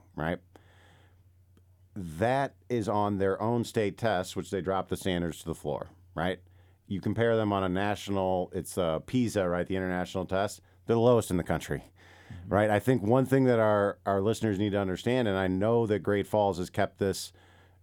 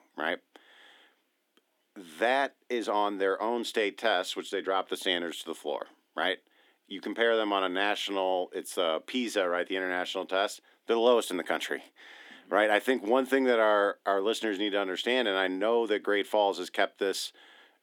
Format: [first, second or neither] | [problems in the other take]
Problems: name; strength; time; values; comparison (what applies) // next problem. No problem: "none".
first | thin; somewhat; fading below 250 Hz